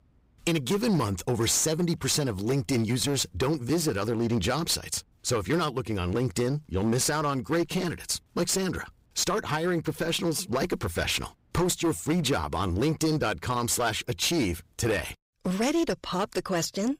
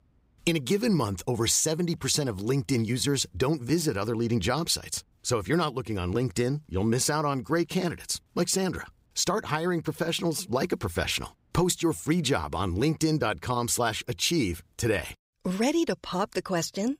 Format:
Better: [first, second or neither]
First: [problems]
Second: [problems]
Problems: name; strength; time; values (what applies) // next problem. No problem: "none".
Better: second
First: distortion; slight; 12% of the sound clipped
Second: none